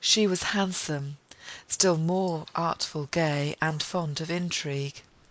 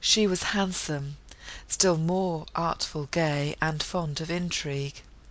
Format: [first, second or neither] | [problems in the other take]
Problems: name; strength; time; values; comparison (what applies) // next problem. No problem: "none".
second | noise reduction (neural mask model Resemble Enhance denoiser)